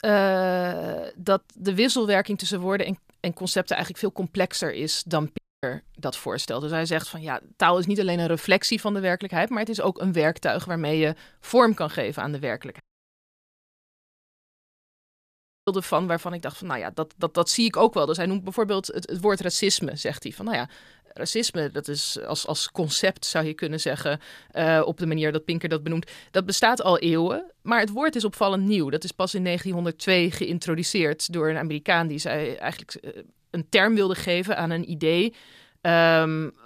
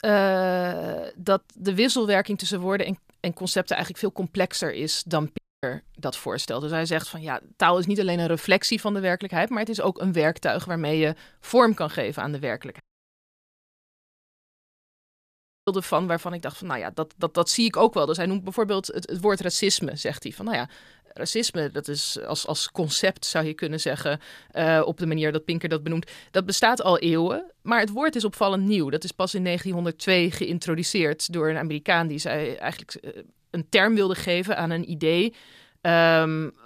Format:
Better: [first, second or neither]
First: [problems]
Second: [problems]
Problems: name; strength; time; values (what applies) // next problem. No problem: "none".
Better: neither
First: audio cutting out; at 5.5 s and at 13 s for 3 s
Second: audio cutting out; at 5.5 s and at 13 s for 3 s